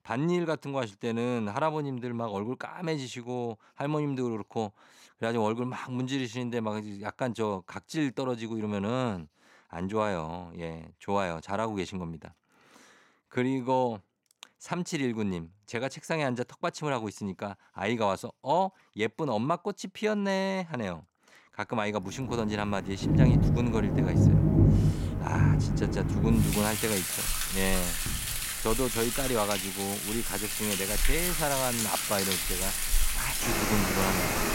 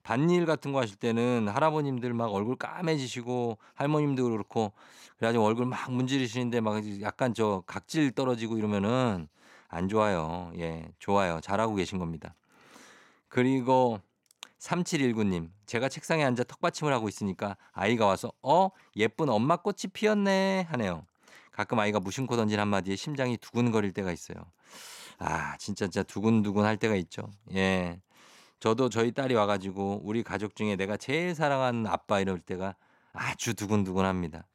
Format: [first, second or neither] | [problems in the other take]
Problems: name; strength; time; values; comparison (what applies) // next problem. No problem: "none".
second | rain or running water; very loud; from 22 s on; 4 dB above the speech